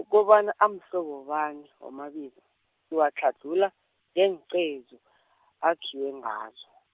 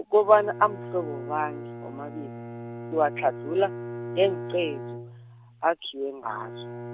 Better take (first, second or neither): first